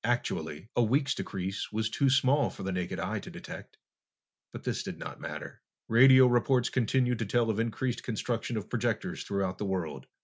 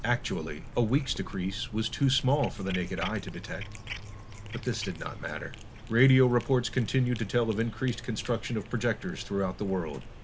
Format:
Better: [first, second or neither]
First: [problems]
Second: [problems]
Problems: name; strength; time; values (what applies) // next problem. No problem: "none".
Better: first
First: none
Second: background sound (Cat); 12 dB below the speech